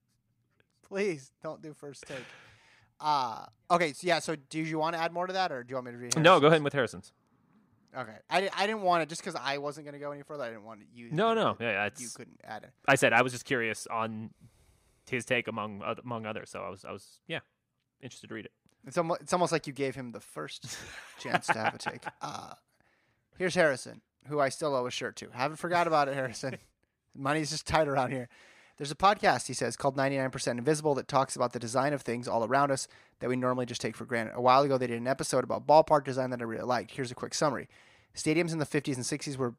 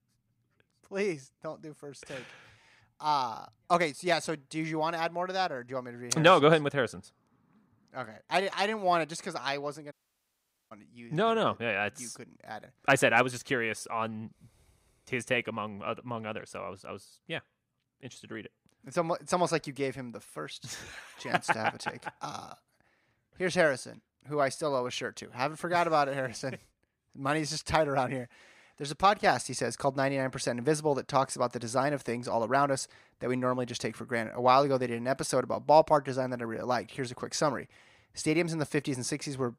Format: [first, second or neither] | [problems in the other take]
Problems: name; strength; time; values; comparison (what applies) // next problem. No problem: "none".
first | audio cutting out; at 10 s for 1 s